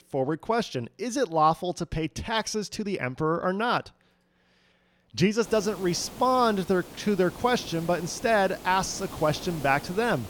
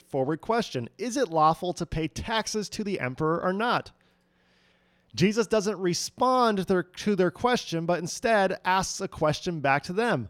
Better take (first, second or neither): second